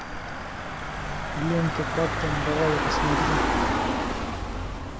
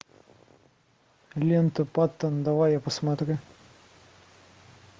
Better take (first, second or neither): second